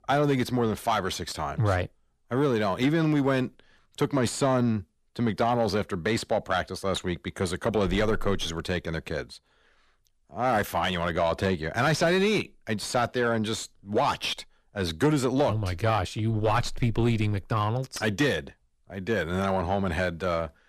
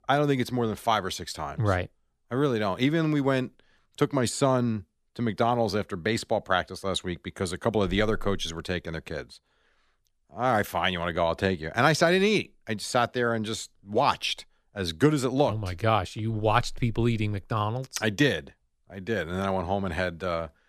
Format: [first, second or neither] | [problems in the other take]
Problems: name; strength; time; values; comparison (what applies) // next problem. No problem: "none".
second | distortion; slight; 10 dB below the speech